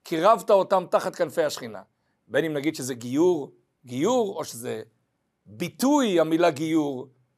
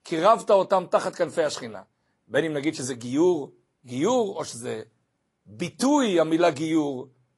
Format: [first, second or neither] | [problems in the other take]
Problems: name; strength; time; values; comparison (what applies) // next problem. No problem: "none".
first | garbled, watery; slightly; nothing above 11.5 kHz